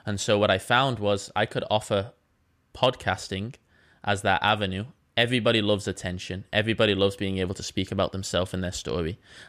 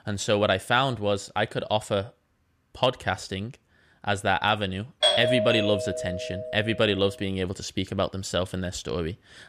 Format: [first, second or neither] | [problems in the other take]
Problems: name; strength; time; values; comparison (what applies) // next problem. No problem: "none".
first | doorbell; loud; from 5 to 6.5 s; peak 5 dB above the speech